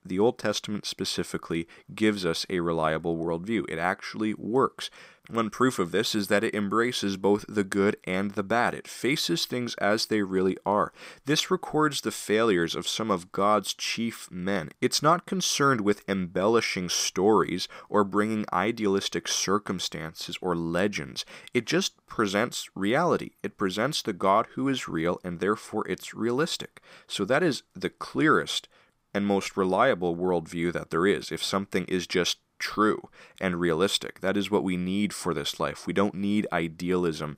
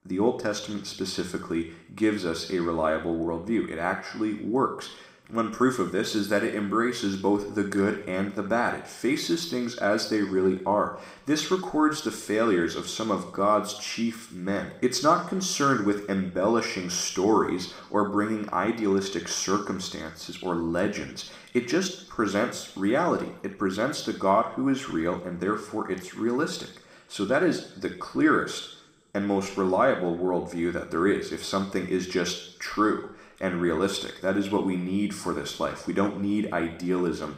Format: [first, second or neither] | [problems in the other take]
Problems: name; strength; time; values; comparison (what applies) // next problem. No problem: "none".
first | room echo; slight; dies away in 0.7 s